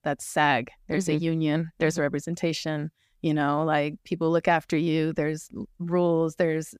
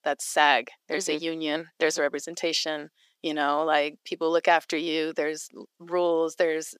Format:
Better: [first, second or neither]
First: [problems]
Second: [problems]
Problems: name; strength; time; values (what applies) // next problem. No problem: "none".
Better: first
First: none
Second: thin; somewhat; fading below 400 Hz